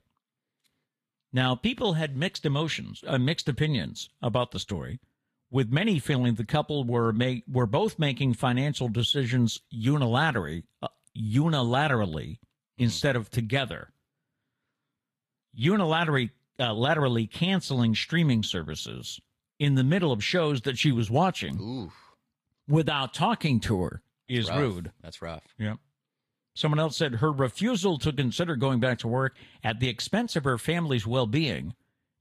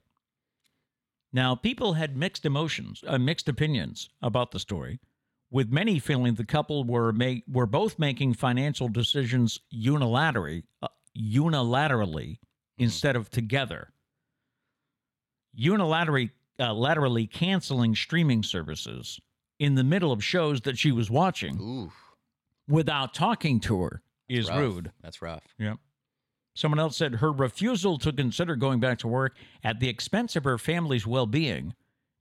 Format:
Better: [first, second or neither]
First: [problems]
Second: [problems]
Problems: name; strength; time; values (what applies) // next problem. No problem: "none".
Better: second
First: garbled, watery; slightly; nothing above 12.5 kHz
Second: none